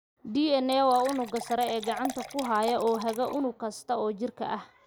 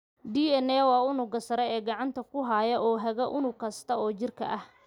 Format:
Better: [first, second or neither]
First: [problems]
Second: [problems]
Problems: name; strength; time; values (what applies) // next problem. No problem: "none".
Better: second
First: background sound (Fill (with liquid) / Water); 12 dB below the speech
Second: none